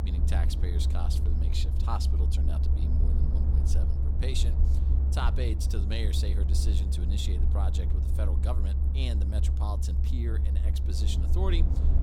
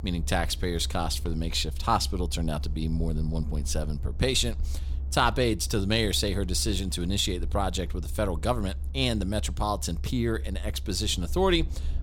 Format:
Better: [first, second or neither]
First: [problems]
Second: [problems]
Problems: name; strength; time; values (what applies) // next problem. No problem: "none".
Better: second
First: low rumble; loud; throughout; 4 dB below the speech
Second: low rumble; faint; throughout; 25 dB below the speech